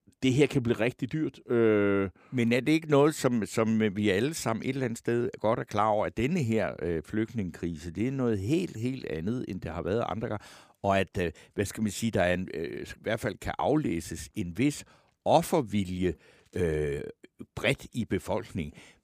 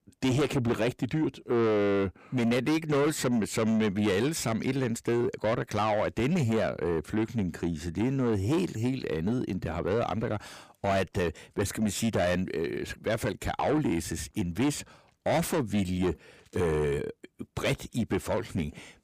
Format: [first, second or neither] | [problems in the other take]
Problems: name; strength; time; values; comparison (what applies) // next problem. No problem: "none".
first | distortion; heavy; 7 dB below the speech